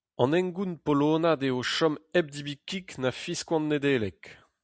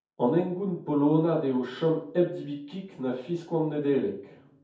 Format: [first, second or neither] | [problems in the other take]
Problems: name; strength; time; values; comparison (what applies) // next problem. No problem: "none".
first | room echo; dies away in 0.6 s